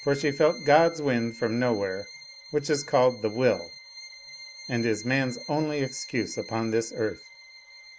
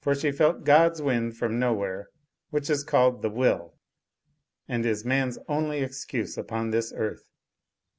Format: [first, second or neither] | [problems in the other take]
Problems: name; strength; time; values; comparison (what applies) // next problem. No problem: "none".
second | background sound (Bowed string instrument); 17 dB below the speech